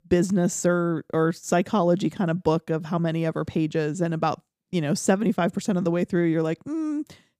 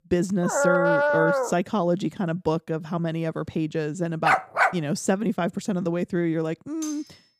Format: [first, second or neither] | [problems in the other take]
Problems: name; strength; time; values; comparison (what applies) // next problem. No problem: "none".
first | dog barking; loud; until 1.5 s and at 4.5 s; peak 6 dB above the speech // clattering dishes; faint; at 7 s; peak 10 dB below the speech